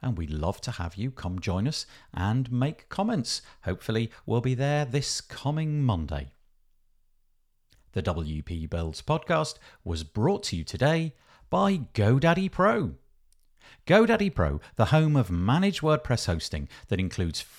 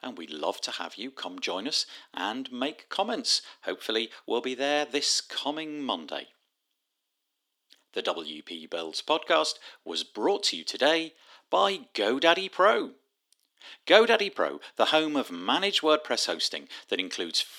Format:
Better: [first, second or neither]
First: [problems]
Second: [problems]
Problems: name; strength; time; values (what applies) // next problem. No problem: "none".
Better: first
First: none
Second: thin; somewhat; fading below 300 Hz